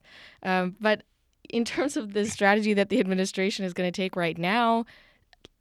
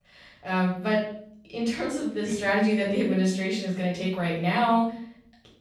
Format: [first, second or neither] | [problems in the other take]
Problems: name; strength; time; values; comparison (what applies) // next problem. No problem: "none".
first | room echo; noticeable; dies away in 0.6 s // off-mic speech; far